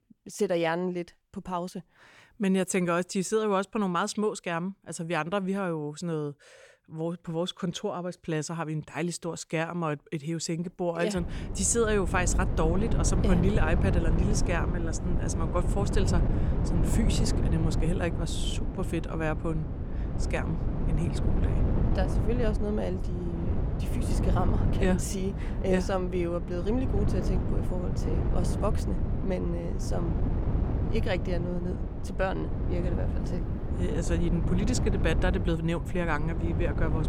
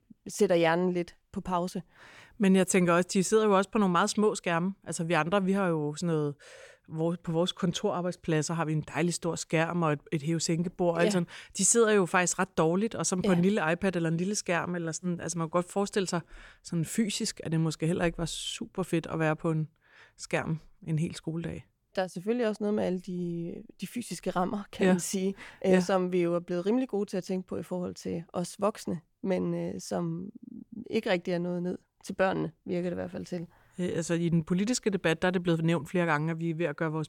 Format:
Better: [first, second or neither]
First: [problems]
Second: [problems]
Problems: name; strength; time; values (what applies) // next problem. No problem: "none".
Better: second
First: wind noise on the microphone; heavy; from 11 s on; 7 dB below the speech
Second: none